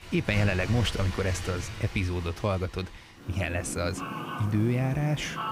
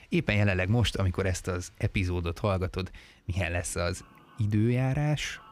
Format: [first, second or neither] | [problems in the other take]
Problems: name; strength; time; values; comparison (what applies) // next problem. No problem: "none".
second | animal sounds; loud; throughout; 9 dB below the speech; faint in the second